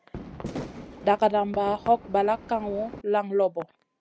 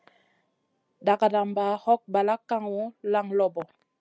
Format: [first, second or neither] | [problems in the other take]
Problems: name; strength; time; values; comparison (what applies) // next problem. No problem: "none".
second | background sound (Fireworks); 13 dB below the speech